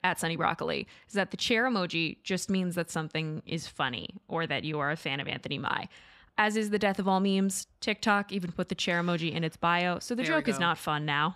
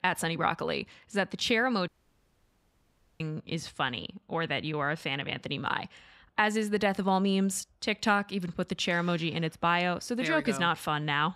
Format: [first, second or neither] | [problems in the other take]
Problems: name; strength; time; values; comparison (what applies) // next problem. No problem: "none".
first | audio cutting out; at 2 s for 1.5 s